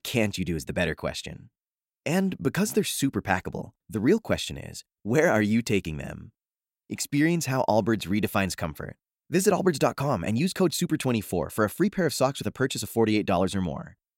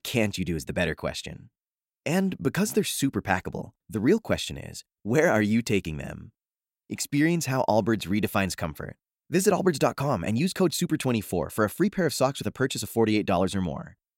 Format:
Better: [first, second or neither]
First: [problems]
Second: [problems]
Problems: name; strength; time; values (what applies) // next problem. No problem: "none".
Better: neither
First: none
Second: none